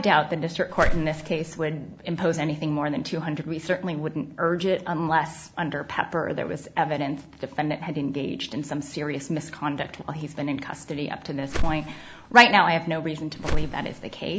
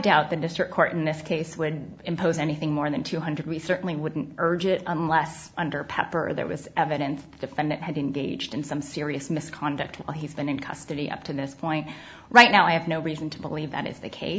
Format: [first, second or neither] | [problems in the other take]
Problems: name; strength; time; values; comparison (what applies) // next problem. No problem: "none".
second | background sound (Whoosh, swoosh, swish); 1 dB below the speech